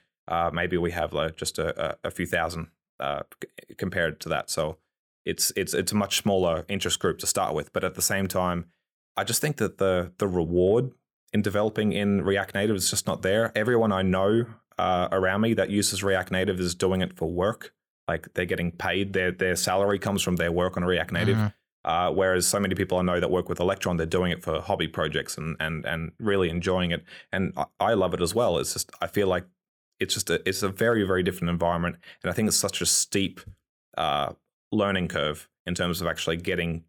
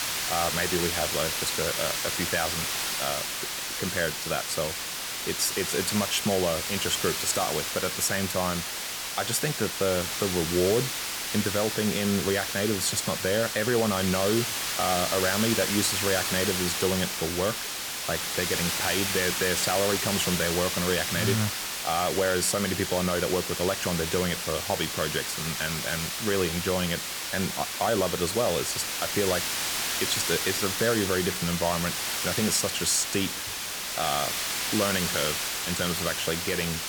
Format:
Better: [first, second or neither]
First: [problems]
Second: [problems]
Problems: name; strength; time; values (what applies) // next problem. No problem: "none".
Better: first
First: none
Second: hiss; loud; throughout; as loud as the speech